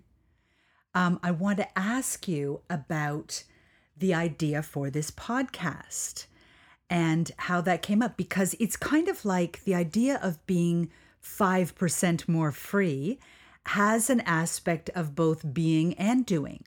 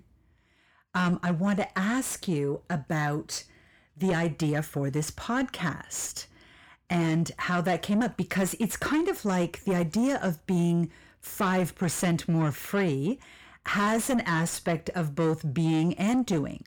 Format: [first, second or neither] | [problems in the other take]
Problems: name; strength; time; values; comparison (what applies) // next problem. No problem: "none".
first | distortion; slight; 10 dB below the speech